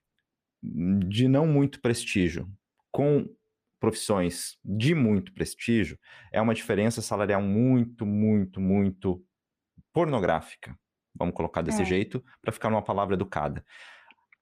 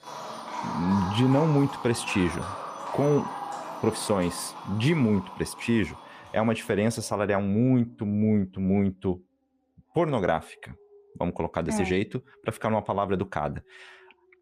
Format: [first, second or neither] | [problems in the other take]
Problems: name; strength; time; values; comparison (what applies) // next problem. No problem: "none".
first | animal sounds; noticeable; throughout; 10 dB below the speech